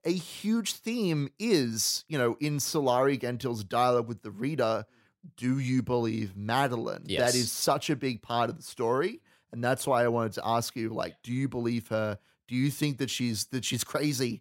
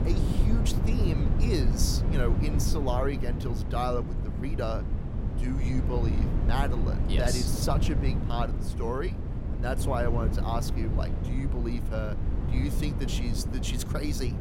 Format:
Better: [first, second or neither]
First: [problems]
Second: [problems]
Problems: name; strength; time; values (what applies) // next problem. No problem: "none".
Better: first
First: none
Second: wind noise on the microphone; heavy; 6 dB below the speech